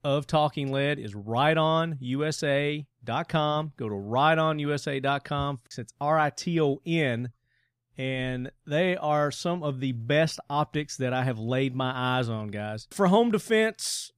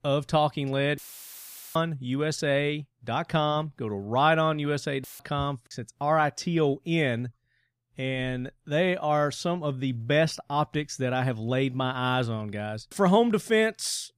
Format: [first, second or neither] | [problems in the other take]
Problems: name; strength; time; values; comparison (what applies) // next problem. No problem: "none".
first | audio cutting out; filled with static; at 1 s for 1 s and at 5 s